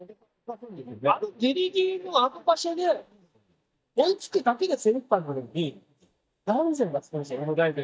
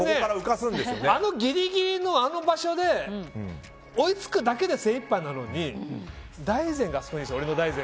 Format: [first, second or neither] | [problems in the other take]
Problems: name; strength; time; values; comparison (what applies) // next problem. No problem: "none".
second | noise reduction (neural mask model DeepFilterNet 3)